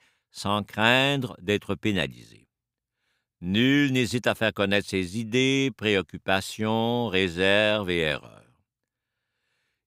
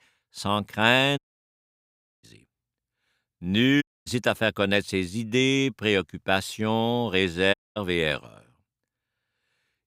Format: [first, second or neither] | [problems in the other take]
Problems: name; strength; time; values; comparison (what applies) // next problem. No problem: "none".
first | audio cutting out; at 1 s for 1 s, at 4 s and at 7.5 s